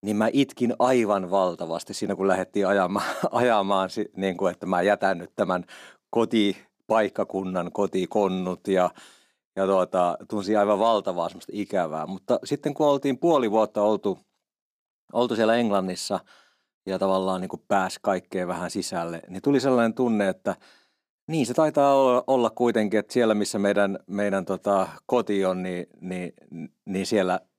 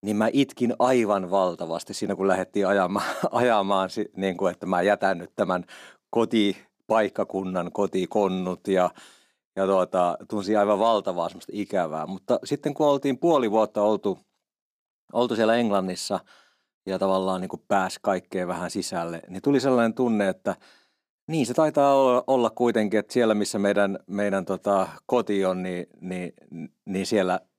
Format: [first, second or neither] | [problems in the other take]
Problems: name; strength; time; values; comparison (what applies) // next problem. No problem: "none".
neither | none